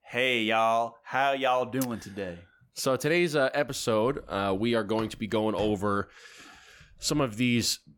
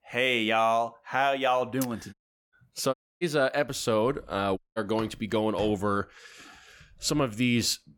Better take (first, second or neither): first